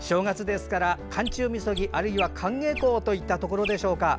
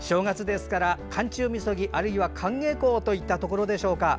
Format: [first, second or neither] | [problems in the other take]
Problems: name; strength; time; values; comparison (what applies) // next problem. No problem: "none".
second | background sound (Chirp, tweet); 13 dB below the speech